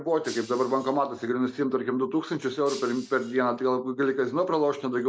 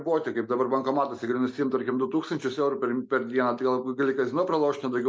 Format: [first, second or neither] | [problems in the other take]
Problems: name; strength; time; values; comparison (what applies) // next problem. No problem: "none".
second | background sound (Shatter); 20 dB below the speech